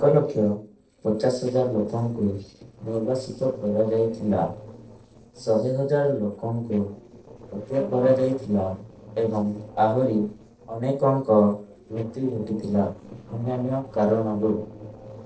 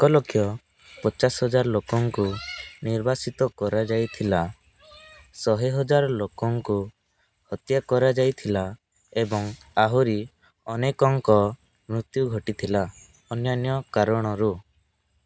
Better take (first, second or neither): second